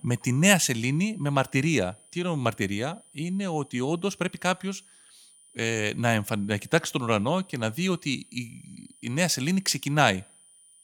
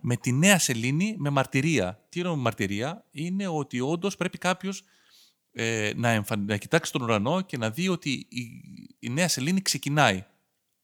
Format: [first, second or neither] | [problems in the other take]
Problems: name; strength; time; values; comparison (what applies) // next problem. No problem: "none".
second | high-pitched whine; faint; throughout; 9.5 kHz, 25 dB below the speech